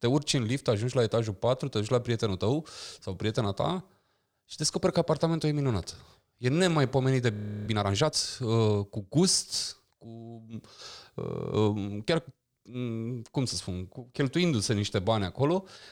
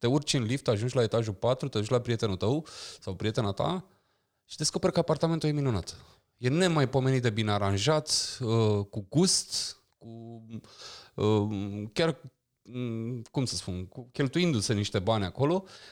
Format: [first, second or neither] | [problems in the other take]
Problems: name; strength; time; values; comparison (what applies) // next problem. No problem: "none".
second | audio freezing; at 7.5 s and at 11 s